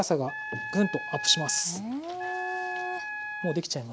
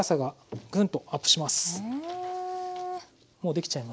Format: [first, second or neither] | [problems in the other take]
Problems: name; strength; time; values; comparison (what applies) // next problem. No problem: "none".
second | background sound (Wind instrument, woodwind instrument); 7 dB below the speech